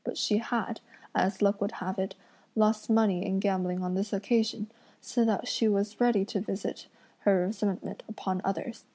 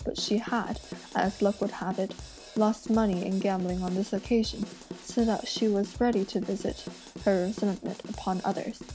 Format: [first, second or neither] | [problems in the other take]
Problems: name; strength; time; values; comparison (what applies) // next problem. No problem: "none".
first | background sound (Drum / Drum kit); 14 dB below the speech